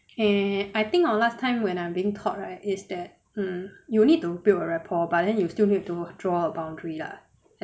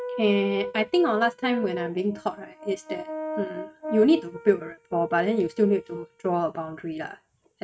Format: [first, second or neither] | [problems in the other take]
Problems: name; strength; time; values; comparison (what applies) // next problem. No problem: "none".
first | noise reduction (neural mask model RNNoise)